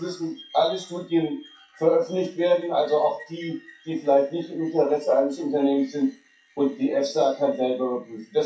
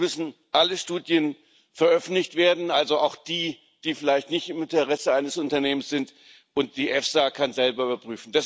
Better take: second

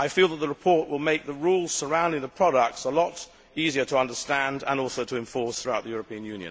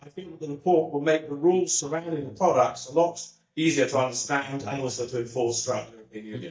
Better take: first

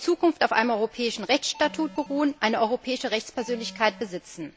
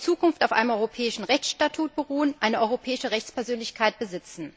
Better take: second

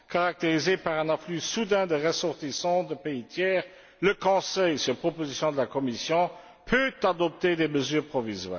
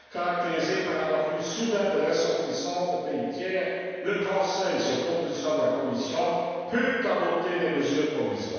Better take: first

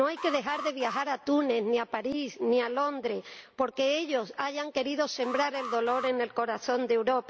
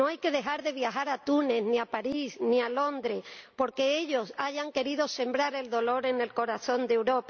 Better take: second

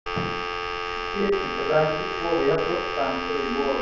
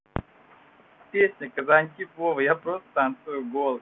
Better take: second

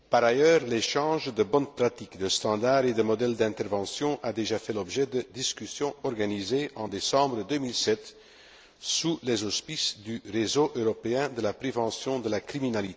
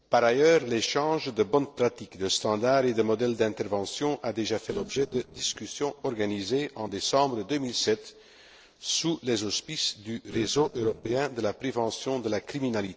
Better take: first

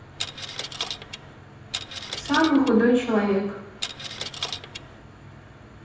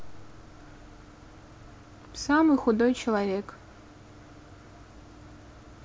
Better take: second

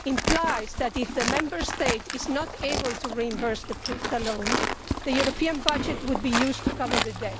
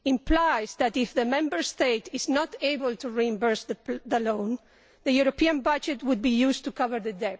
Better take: second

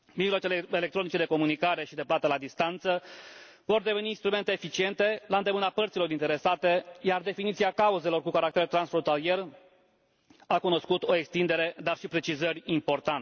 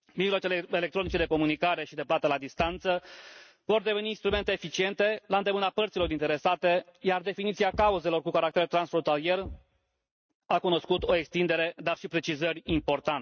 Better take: first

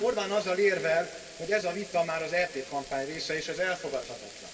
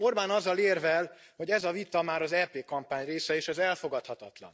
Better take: second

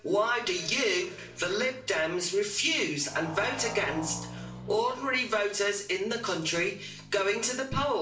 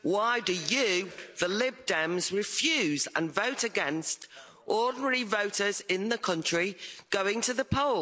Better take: second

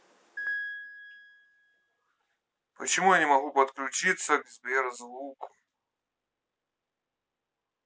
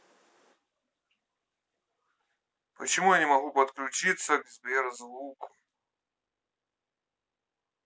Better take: second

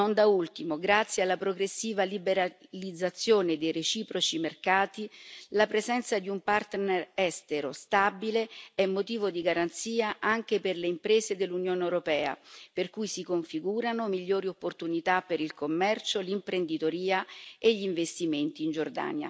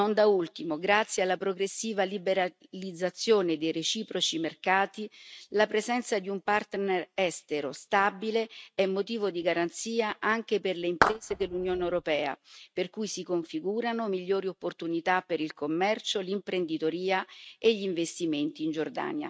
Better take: first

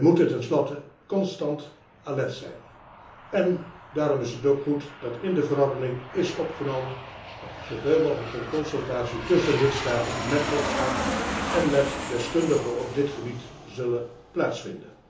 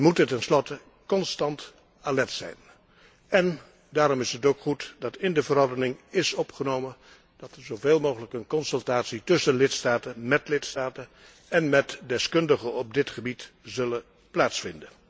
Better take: second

